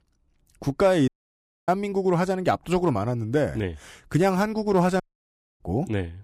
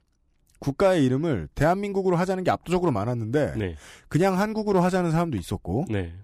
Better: second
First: audio cutting out; at 1 s for 0.5 s and at 5 s for 0.5 s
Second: none

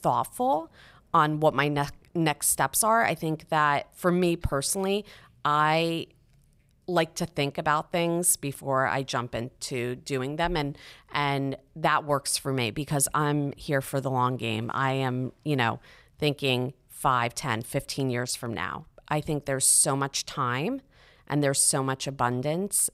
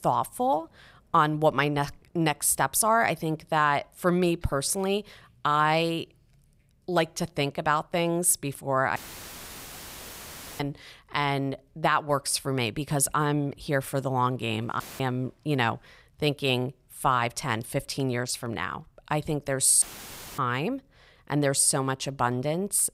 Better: first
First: none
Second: audio cutting out; filled with static; at 9 s for 1.5 s, at 15 s and at 20 s for 0.5 s

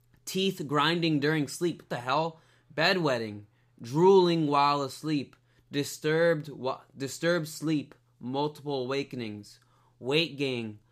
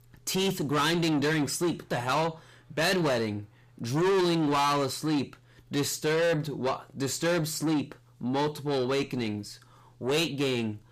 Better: first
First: none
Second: distortion; heavy; 6 dB below the speech

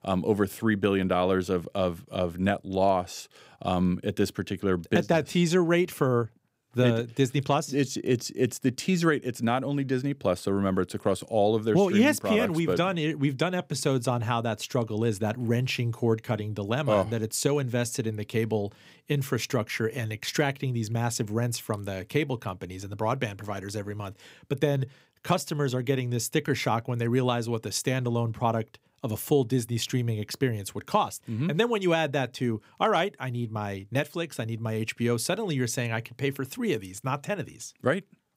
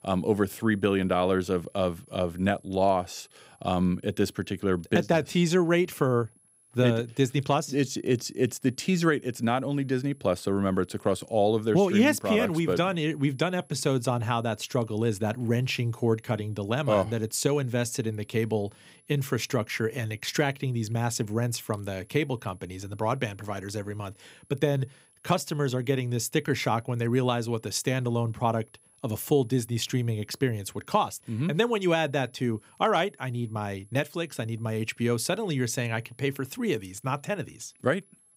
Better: first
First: none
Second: high-pitched whine; faint; throughout; 11 kHz, 30 dB below the speech

